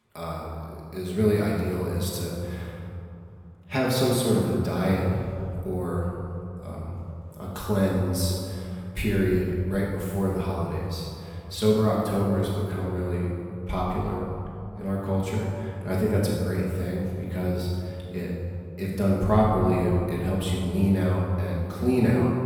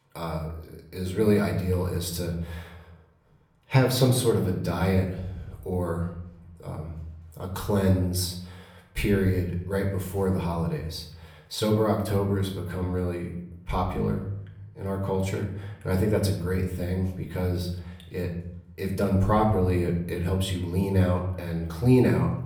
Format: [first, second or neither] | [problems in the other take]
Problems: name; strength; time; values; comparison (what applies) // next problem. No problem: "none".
second | room echo; strong; dies away in 2.3 s; slight in the second // off-mic speech; far; somewhat distant in the second